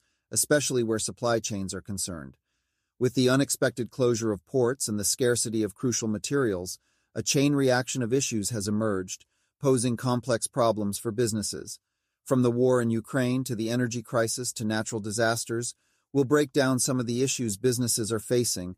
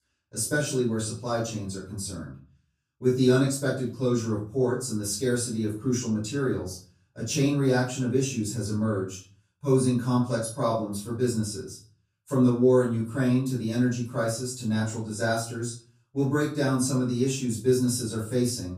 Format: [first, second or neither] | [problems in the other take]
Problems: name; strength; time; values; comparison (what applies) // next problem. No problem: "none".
first | off-mic speech; far // room echo; noticeable; dies away in 0.4 s